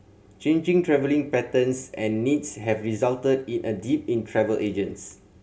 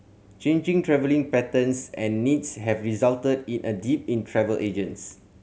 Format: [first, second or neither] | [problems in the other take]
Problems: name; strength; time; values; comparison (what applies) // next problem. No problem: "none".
second | room echo; dies away in 0.2 s